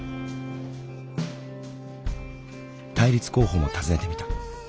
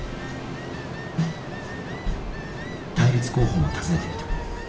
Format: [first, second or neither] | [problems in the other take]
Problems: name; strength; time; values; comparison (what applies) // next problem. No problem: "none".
first | background sound (Ocean); 8 dB below the speech // room echo; dies away in 1.2 s